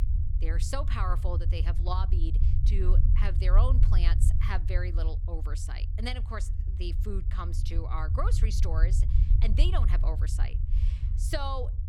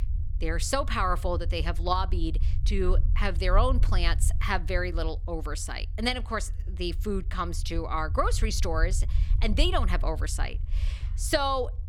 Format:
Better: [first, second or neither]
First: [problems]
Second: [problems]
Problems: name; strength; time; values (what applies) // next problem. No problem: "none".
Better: second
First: low rumble; loud; throughout; 9 dB below the speech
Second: low rumble; faint; throughout; 20 dB below the speech